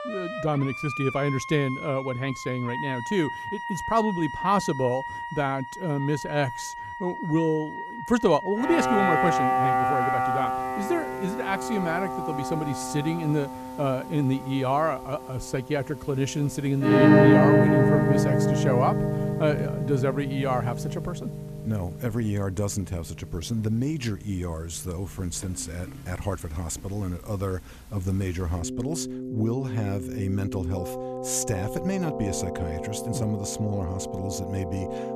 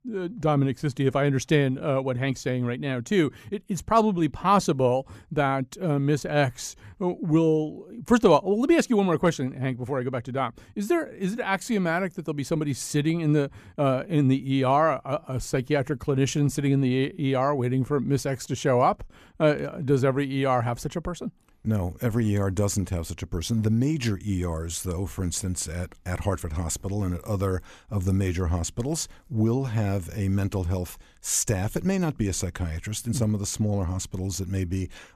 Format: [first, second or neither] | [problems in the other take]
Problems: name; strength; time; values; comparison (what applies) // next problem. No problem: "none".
second | background music; very loud; throughout; 1 dB above the speech